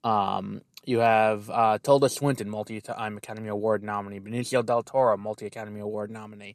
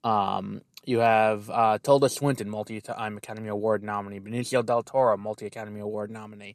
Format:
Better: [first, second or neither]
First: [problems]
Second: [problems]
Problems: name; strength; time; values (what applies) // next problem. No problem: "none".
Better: neither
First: none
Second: none